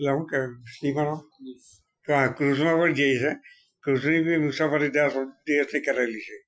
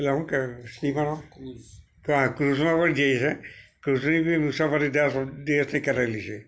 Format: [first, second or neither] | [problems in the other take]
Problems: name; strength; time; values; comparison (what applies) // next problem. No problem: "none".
second | noise reduction (classical method Wiener filter)